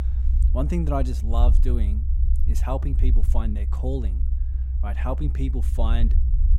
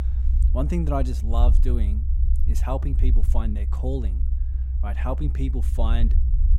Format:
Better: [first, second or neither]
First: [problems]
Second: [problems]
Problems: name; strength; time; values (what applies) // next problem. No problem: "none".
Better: neither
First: low rumble; noticeable; throughout; 10 dB below the speech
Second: low rumble; noticeable; throughout; 10 dB below the speech